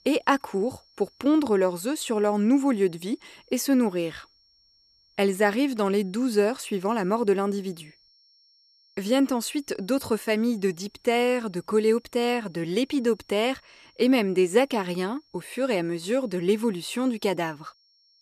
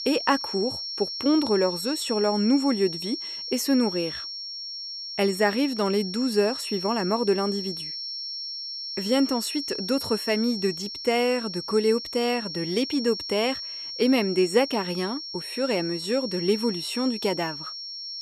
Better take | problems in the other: first | high-pitched whine; loud; throughout; 5.5 kHz, 6 dB below the speech; faint in the first

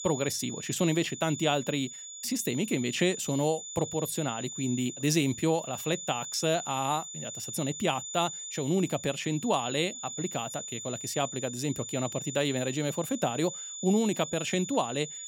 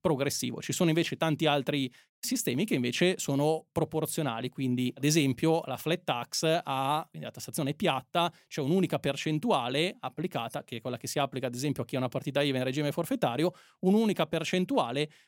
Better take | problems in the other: second | high-pitched whine; loud; throughout; 7 kHz, 8 dB below the speech

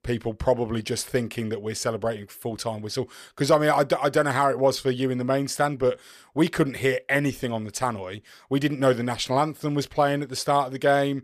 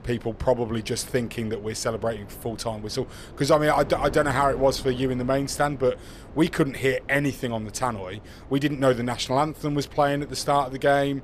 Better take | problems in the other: first | wind noise on the microphone; occasional gusts; 20 dB below the speech

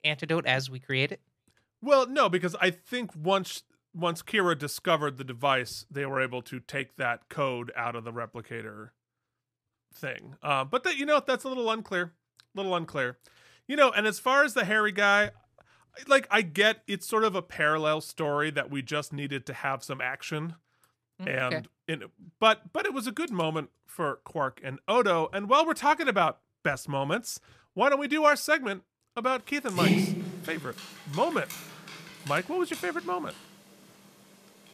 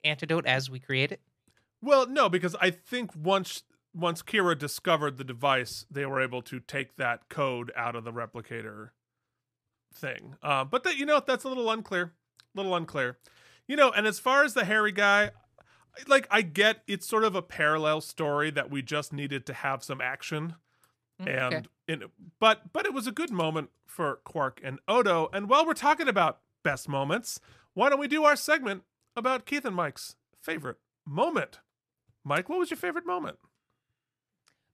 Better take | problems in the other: second | dog barking; loud; from 30 to 33 s; peak 4 dB above the speech

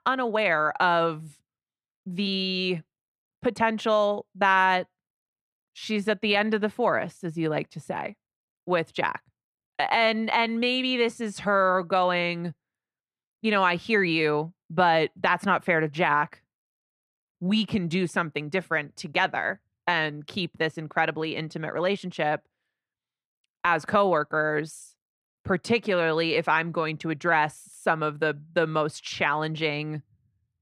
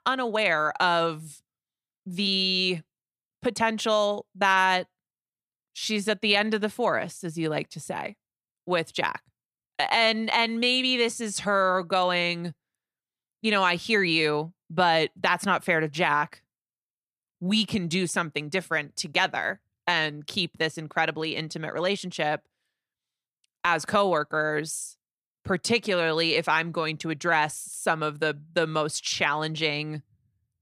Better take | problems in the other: second | muffled; slightly; fading above 3.5 kHz

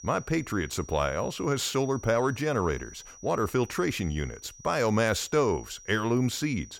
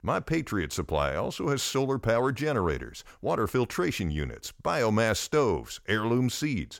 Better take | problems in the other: second | high-pitched whine; noticeable; throughout; 6 kHz, 20 dB below the speech

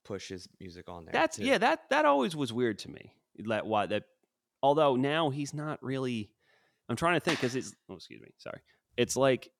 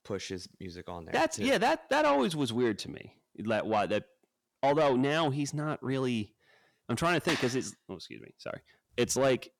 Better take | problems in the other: first | distortion; slight; 10 dB below the speech

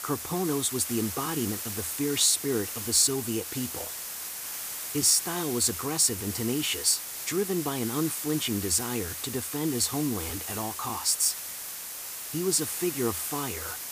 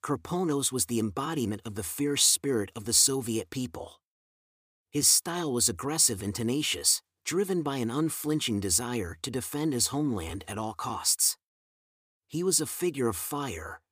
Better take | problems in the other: second | hiss; loud; throughout; 6 dB below the speech

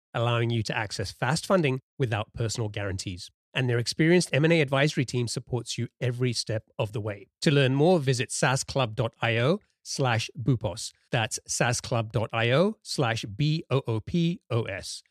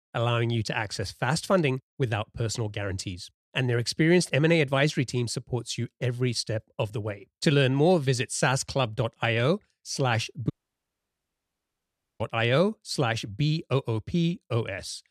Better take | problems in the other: first | audio cutting out; at 11 s for 1.5 s

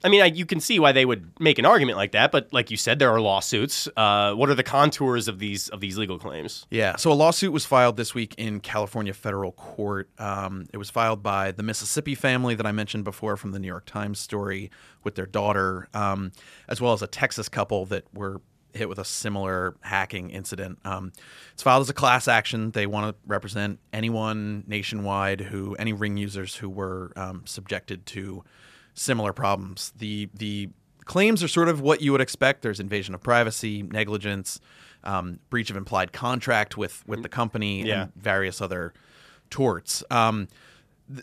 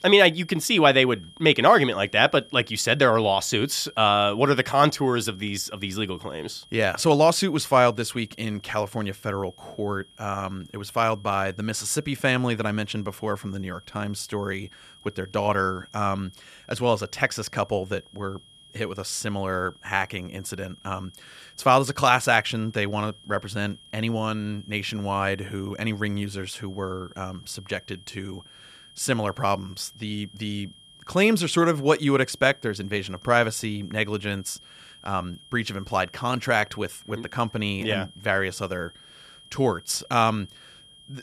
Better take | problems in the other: first | high-pitched whine; faint; throughout; 3 kHz, 25 dB below the speech

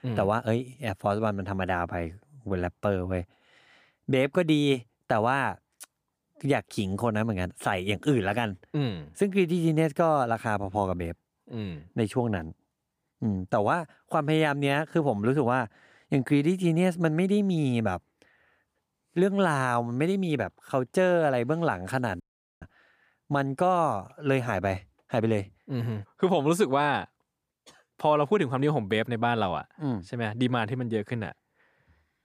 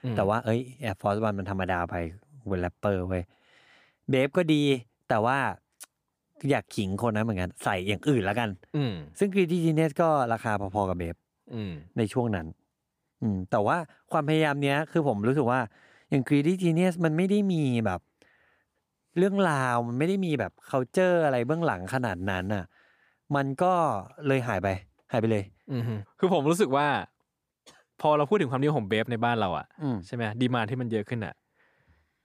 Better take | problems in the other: second | audio cutting out; at 22 s

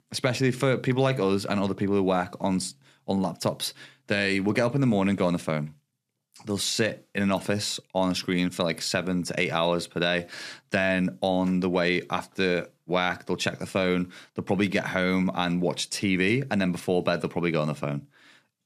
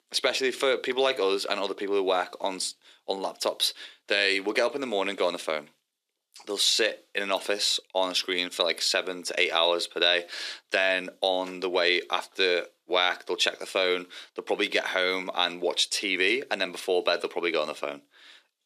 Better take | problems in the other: first | thin; very; fading below 400 Hz

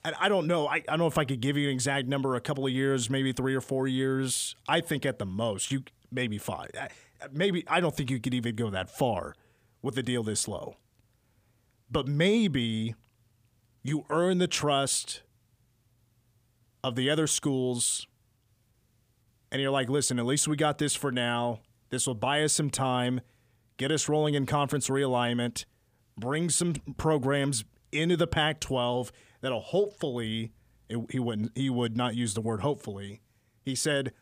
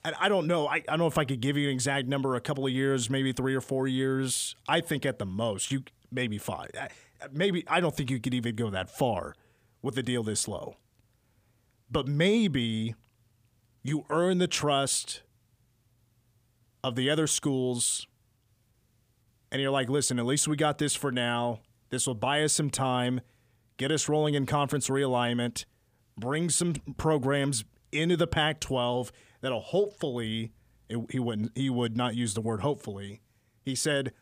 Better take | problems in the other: neither | none

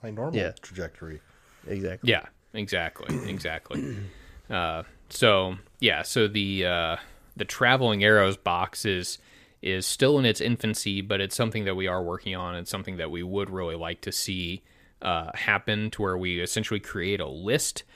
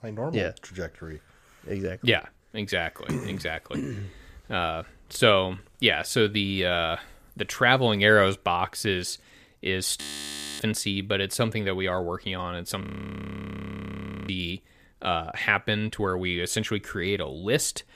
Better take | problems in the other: first | audio freezing; at 10 s for 0.5 s and at 13 s for 1.5 s

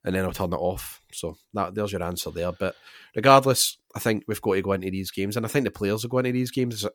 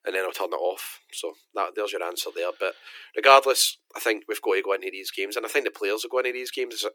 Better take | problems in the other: first | thin; very; fading below 300 Hz

